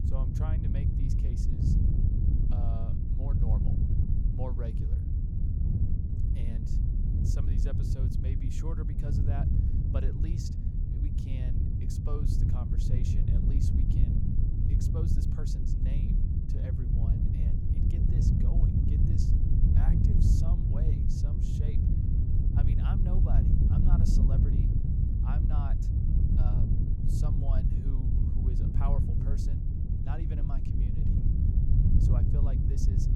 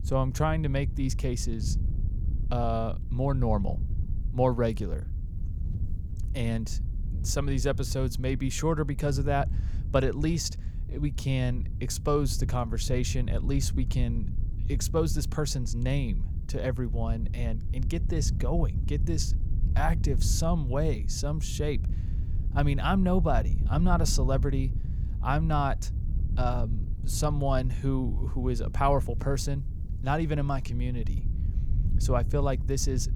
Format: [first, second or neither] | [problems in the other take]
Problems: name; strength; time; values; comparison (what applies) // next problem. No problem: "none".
second | wind noise on the microphone; heavy; 5 dB above the speech; occasional gusts in the second